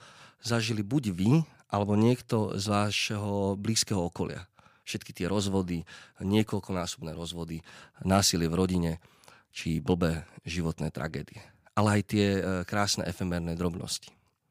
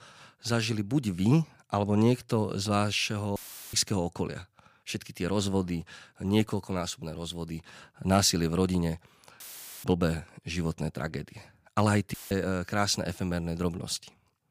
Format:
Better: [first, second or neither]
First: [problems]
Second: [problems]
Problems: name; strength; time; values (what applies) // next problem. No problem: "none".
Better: first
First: none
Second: audio cutting out; filled with static; at 3.5 s, at 9.5 s and at 12 s